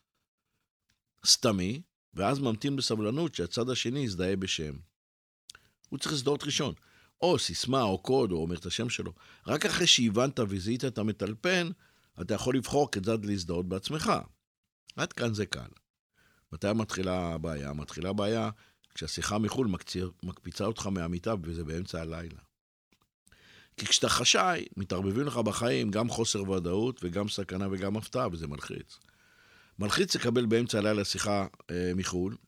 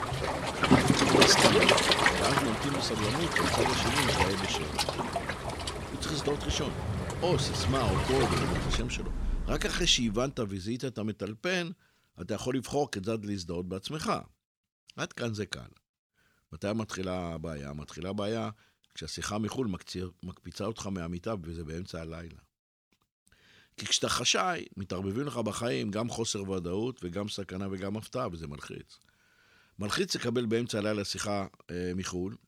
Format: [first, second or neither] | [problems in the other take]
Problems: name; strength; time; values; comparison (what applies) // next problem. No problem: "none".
first | rain or running water; very loud; until 10 s; 5 dB above the speech